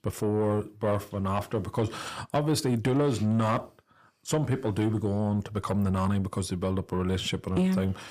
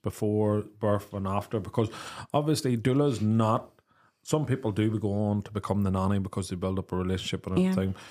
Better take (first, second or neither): second